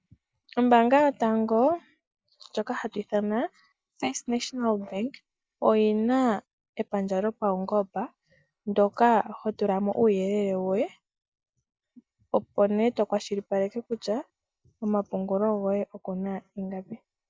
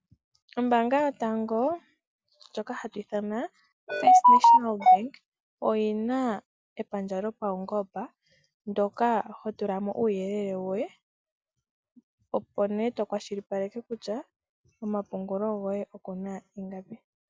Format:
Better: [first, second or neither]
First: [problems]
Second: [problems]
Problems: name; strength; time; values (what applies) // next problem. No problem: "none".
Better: second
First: noise reduction (neural mask model Resemble Enhance denoiser)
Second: none